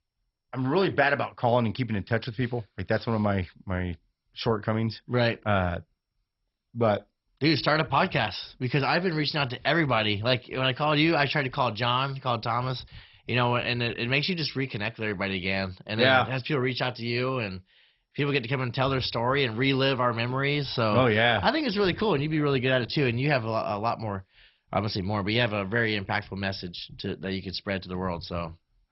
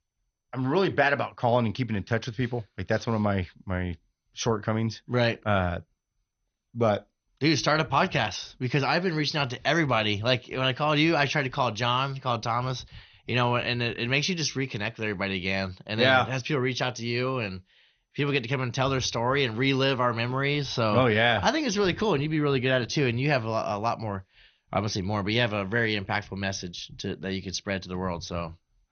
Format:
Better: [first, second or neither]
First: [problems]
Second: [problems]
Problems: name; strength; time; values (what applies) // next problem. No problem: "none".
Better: second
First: garbled, watery; badly; nothing above 5.5 kHz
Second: garbled, watery; slightly; nothing above 6.5 kHz